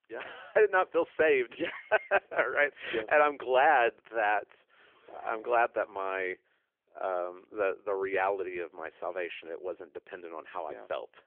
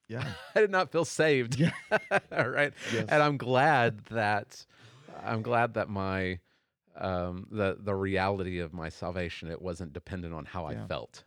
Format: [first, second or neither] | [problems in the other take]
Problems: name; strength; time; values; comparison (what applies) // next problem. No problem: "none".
second | phone-call audio